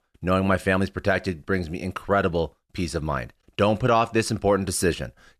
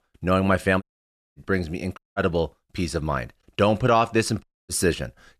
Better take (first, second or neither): first